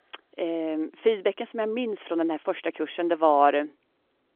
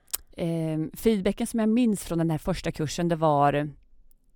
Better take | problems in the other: second | phone-call audio; nothing above 3.5 kHz

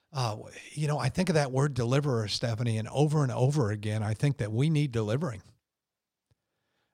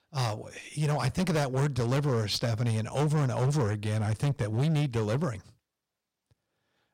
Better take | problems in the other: first | distortion; slight; 13% of the sound clipped

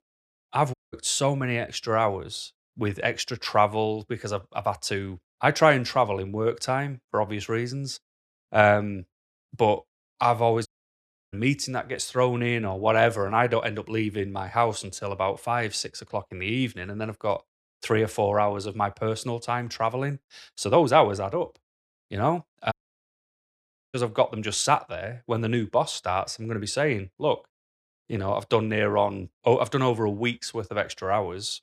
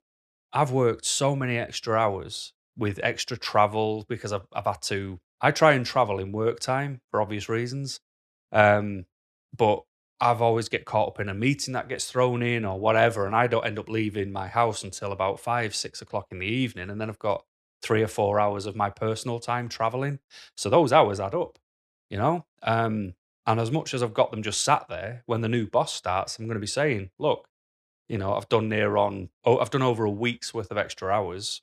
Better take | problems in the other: second | audio cutting out; at 0.5 s, at 11 s for 0.5 s and at 23 s for 1 s

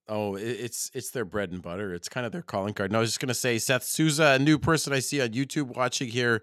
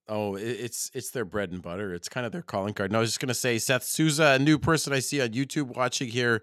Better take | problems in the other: neither | none

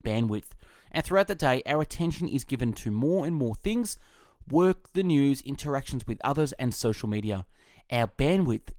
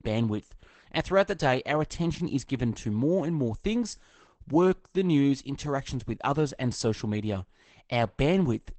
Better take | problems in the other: first | garbled, watery; badly; nothing above 8 kHz; slightly in the first

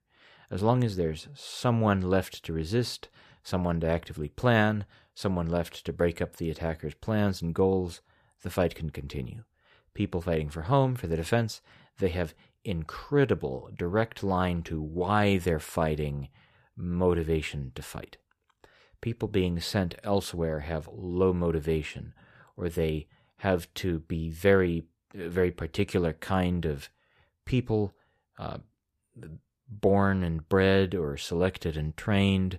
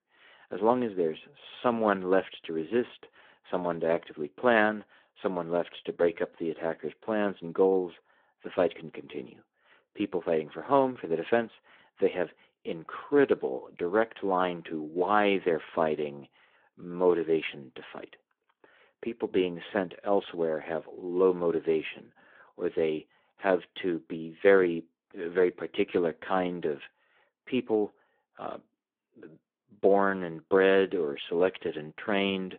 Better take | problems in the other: first | phone-call audio

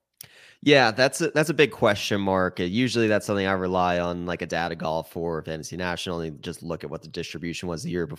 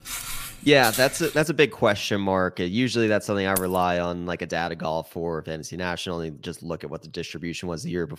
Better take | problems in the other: first | footsteps; noticeable; until 1.5 s; peak 4 dB below the speech // jangling keys; noticeable; at 3.5 s; peak 6 dB below the speech

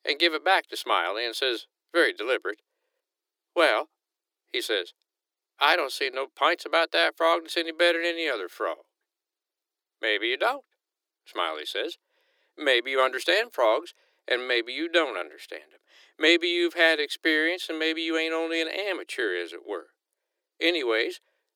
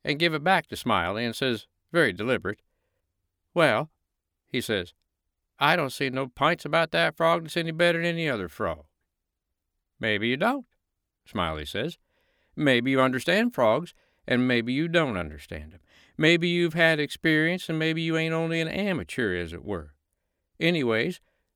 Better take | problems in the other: second | thin; very; fading below 350 Hz

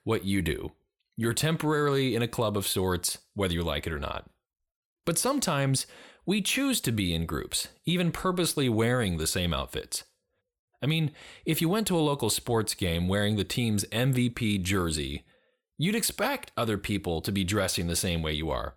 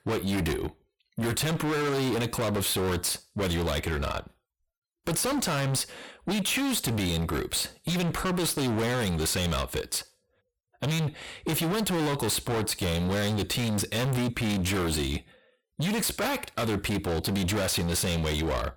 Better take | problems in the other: first | distortion; heavy; 35% of the sound clipped

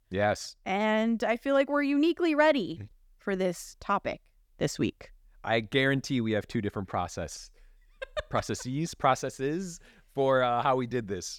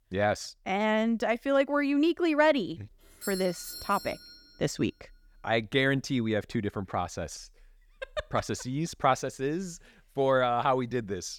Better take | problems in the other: first | doorbell; faint; from 3 to 4.5 s; peak 10 dB below the speech

